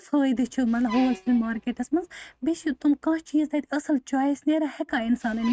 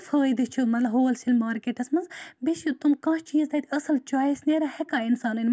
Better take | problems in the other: second | noise reduction (neural mask model RNNoise)

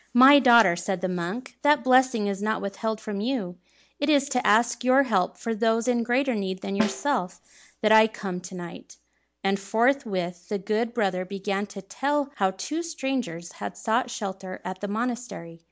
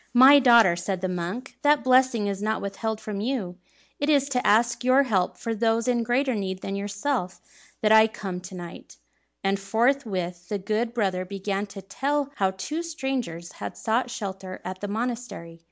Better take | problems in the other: second | background sound (Snare drum); 8 dB below the speech

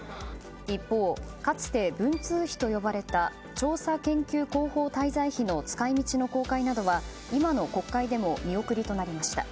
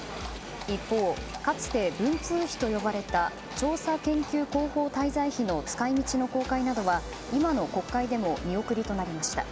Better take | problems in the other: first | background sound (Livestock, farm animals, working animals); 13 dB below the speech

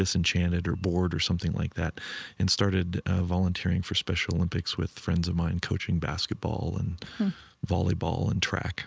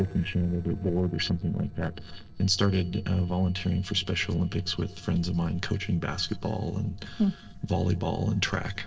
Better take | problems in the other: first | noise reduction (neural separator model SepFormer DNS4)

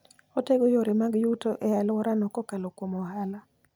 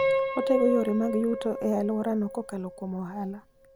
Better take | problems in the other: first | background sound (Piano); 4 dB below the speech

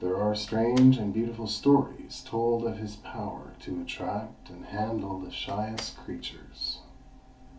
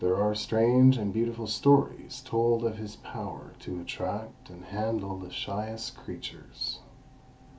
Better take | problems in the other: second | background sound (Slam); 20 dB below the speech // room echo; dies away in 0.2 s

